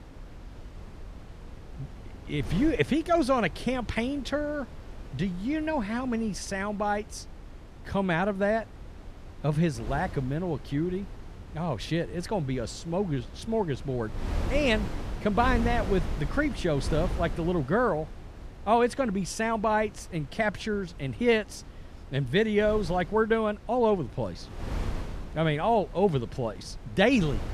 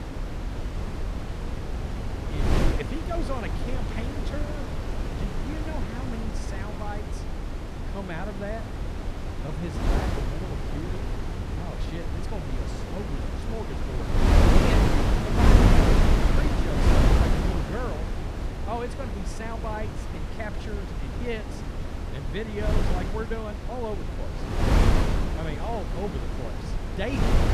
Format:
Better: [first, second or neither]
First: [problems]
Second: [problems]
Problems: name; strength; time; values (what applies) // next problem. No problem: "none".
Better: first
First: wind noise on the microphone; occasional gusts; 20 dB below the speech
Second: wind noise on the microphone; heavy; 4 dB above the speech